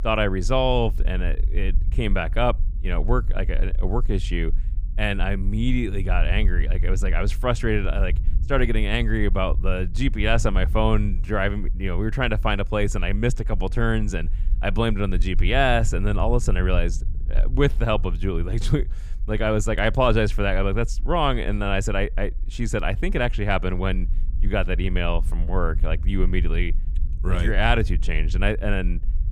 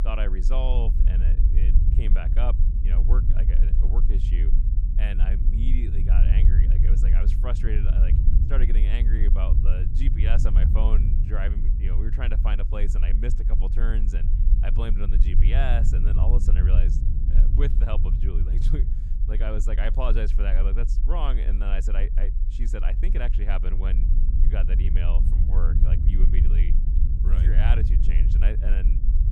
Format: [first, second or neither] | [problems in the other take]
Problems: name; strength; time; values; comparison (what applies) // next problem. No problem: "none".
first | low rumble; loud; throughout; 5 dB below the speech; faint in the first